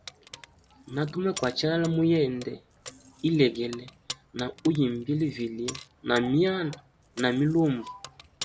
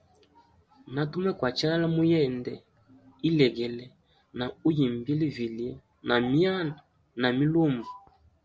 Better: second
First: background sound (Keys jangling); 18 dB below the speech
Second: none

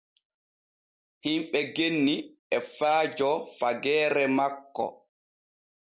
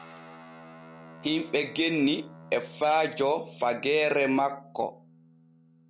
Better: first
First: none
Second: background sound (Guitar); 20 dB below the speech

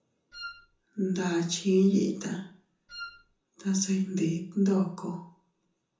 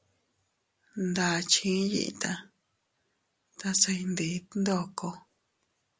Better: second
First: background sound (Wind instrument, woodwind instrument); 15 dB below the speech // room echo; dies away in 0.6 s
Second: none

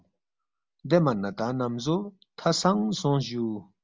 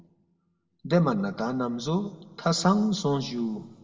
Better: first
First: none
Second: room echo; dies away in 1.3 s

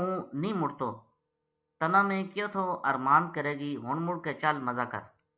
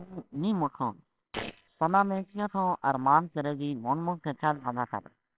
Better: first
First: none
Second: noise reduction (neural separator model SepFormer WHAMR!)

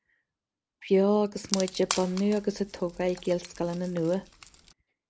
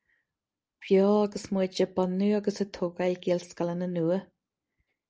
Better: second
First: background sound (Wood); 11 dB below the speech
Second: none

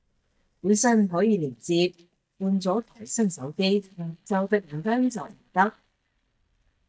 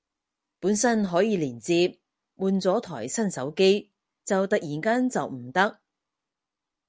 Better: second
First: noise reduction (neural mask model DeepFilterNet 3)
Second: none

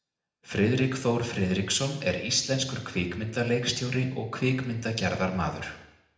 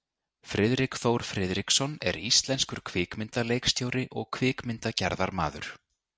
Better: second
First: room echo; dies away in 0.8 s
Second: none

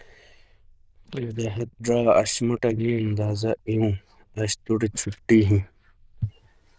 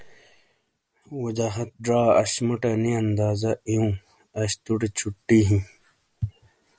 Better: second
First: noise reduction (neural diffusion model UNIVERSE++)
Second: none

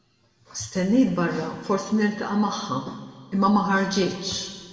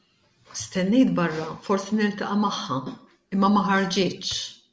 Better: second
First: room echo; dies away in 1.7 s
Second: none

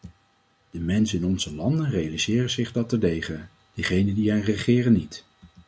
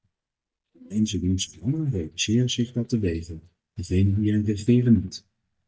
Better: first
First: none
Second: noise reduction (neural mask model DeepFilterNet 3)

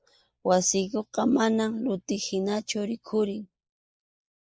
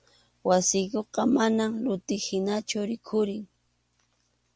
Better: second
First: noise reduction (neural mask model Resemble Enhance denoiser)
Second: none

